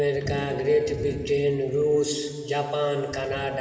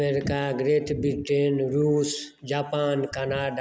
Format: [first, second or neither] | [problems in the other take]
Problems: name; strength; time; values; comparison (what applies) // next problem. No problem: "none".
second | room echo; dies away in 2.7 s